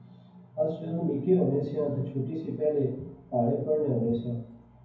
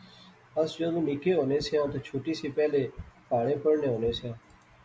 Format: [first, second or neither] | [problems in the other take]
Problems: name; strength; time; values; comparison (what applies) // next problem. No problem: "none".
second | room echo; dies away in 0.9 s